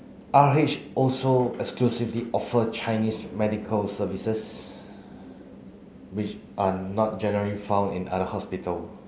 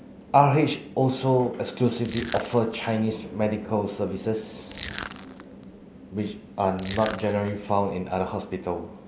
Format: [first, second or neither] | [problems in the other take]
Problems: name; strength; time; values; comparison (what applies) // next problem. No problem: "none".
first | background sound (Crushing); 14 dB below the speech